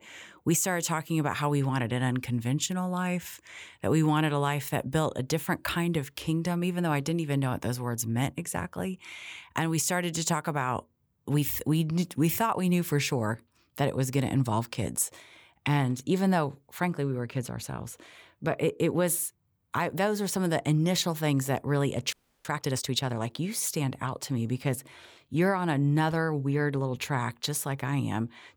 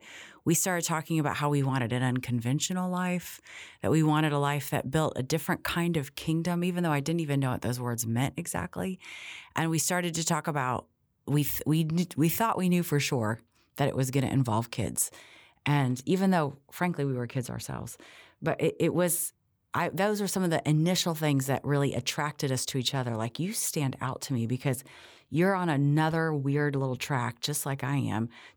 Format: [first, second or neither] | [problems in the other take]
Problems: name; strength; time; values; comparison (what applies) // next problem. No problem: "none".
second | audio freezing; at 22 s